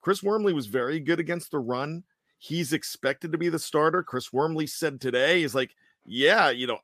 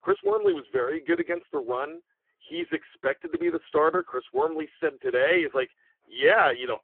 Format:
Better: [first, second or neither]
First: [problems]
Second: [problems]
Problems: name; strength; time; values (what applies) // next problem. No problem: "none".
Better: first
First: none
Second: phone-call audio; poor line